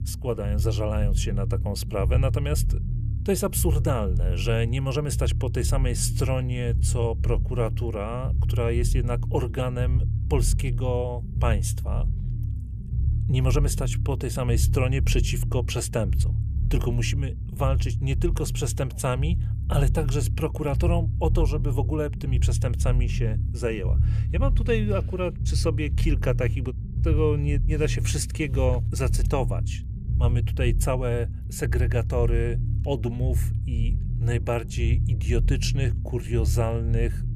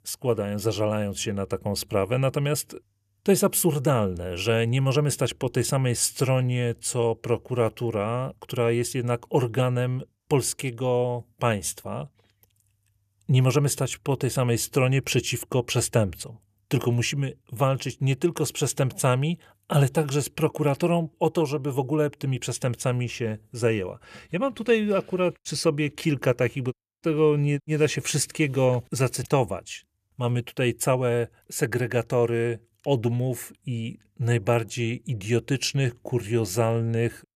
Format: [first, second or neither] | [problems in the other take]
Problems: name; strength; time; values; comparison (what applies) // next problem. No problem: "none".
second | low rumble; noticeable; throughout; 10 dB below the speech